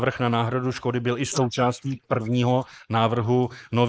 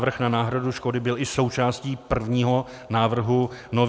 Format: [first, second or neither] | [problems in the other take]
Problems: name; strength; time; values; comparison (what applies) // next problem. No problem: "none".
second | noise reduction (neural mask model Resemble Enhance denoiser)